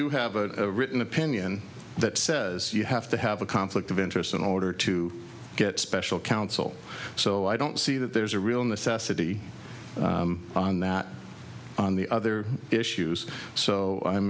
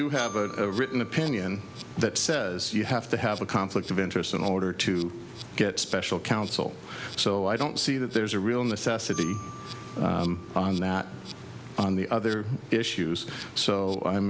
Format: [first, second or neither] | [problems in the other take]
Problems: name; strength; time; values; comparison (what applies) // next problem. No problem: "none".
first | background sound (Insect + Marimba, xylophone); 17 dB below the speech